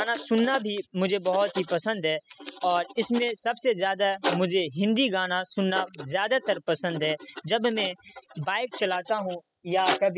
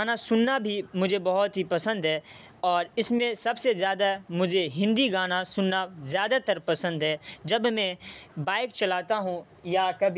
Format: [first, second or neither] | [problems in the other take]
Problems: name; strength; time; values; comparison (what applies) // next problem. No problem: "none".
second | noise reduction (classical method spectral subtraction)